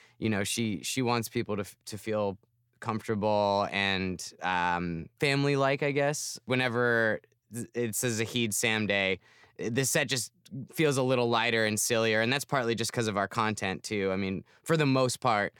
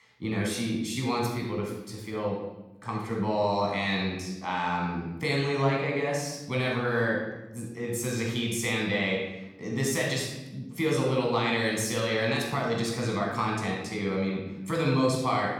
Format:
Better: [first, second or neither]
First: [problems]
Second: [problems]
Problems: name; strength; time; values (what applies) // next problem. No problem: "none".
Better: first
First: none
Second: off-mic speech; somewhat distant // room echo; noticeable; dies away in 0.9 s